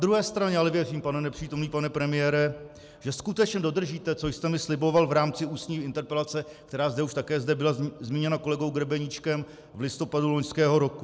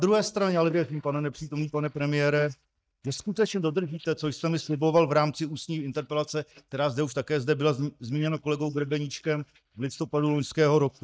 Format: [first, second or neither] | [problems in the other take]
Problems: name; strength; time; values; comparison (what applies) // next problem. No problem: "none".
first | noise reduction (neural mask model DeepFilterNet 3)